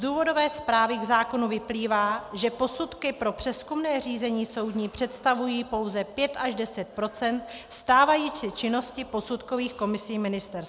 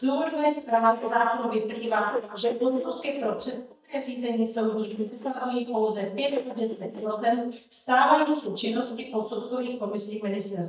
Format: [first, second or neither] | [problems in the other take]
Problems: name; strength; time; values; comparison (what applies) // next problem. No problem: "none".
first | noise reduction (neural mask model DeepFilterNet 3)